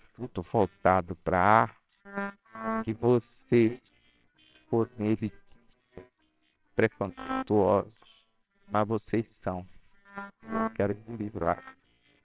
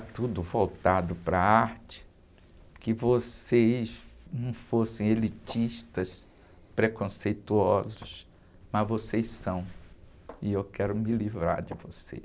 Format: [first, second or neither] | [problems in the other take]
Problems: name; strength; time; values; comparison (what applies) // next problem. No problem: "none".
second | noise reduction (neural separator model SepFormer WHAMR!)